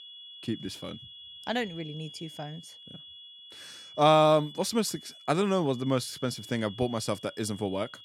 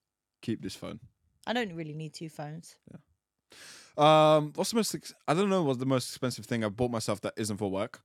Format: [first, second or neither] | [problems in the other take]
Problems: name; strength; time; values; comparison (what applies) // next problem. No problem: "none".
second | high-pitched whine; noticeable; throughout; 3.5 kHz, 15 dB below the speech